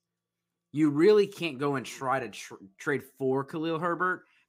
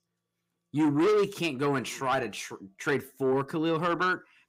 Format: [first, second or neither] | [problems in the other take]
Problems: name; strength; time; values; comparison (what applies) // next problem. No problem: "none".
first | distortion; heavy; 8 dB below the speech